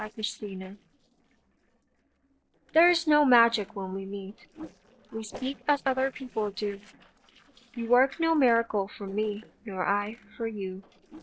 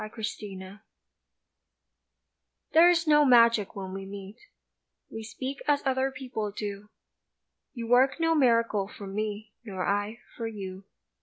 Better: second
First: noise reduction (neural separator model SepFormer DNS4)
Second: none

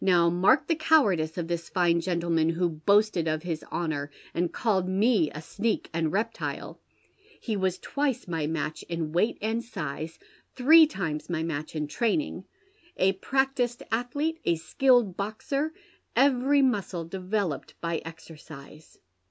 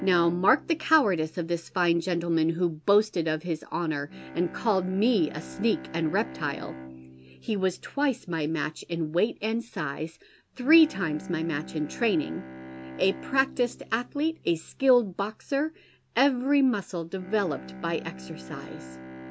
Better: first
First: none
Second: background sound (Bowed string instrument); 17 dB below the speech

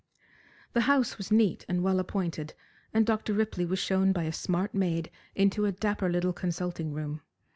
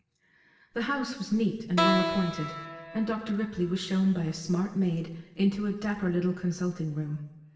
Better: first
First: none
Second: background sound (Keyboard (musical)); 4 dB below the speech // room echo; dies away in 1.1 s

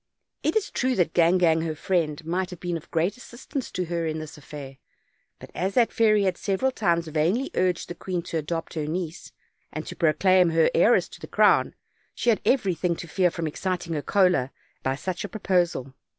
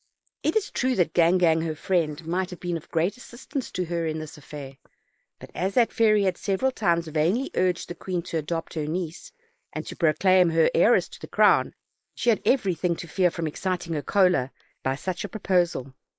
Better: first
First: none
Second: noise reduction (neural mask model Resemble Enhance denoiser)

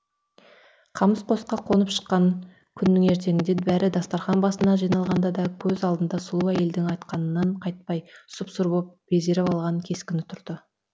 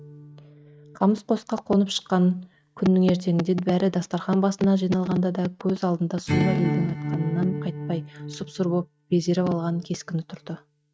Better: first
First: none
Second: noise reduction (neural mask model RNNoise)

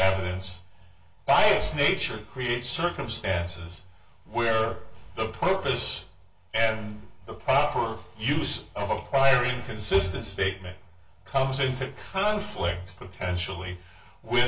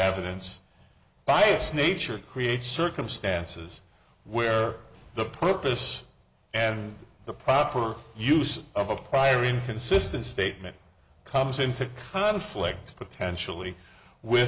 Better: second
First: room echo; dies away in 0.2 s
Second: none

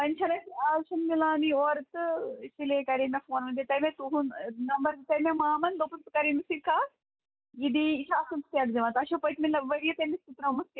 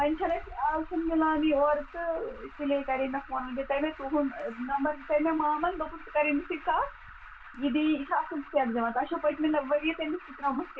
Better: first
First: none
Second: background sound (Alarm); 16 dB below the speech // room echo; dies away in 0.2 s

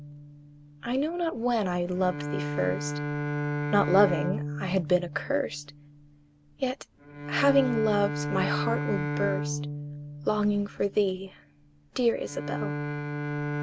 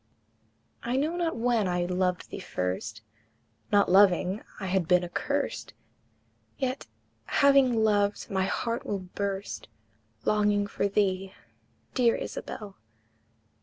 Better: second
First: background sound (Bowed string instrument); 4 dB below the speech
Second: none

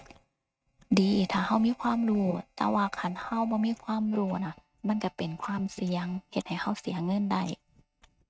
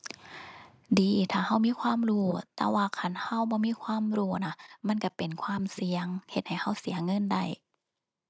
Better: second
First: noise reduction (neural mask model RNNoise)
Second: none

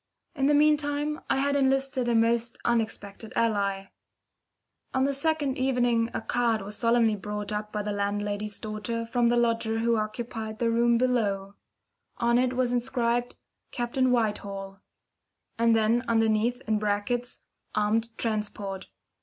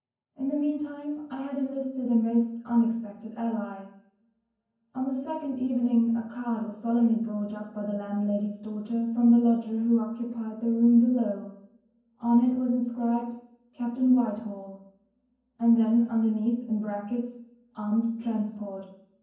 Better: first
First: none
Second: room echo; dies away in 0.9 s

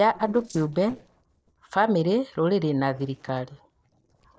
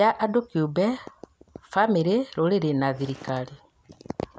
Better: second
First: noise reduction (neural separator model SepFormer DNS4)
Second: none

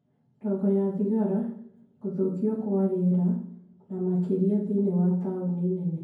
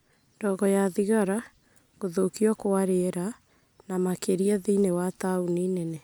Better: second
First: room echo; dies away in 0.9 s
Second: none

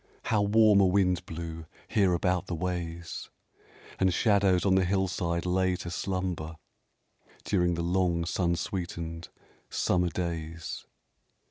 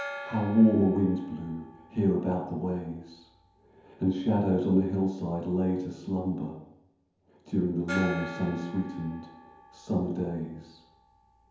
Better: first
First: none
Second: background sound (Gong); 16 dB below the speech // room echo; dies away in 0.9 s

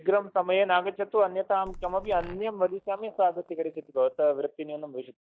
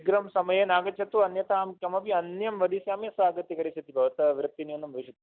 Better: second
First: noise reduction (neural mask model DeepFilterNet 3)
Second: none

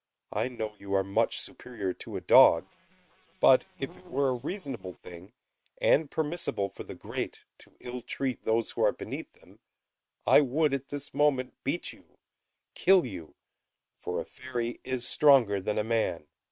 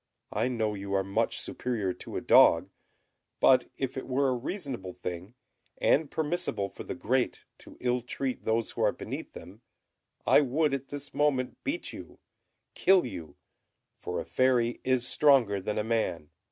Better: second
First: noise reduction (neural separator model SepFormer WHAM!)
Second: none

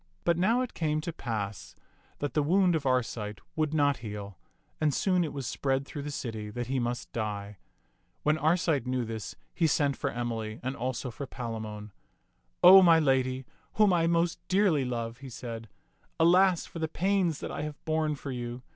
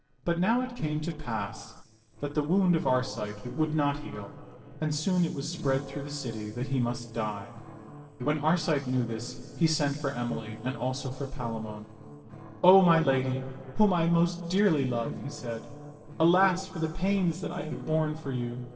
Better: first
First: none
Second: noise reduction (neural separator model SepFormer DNS4)

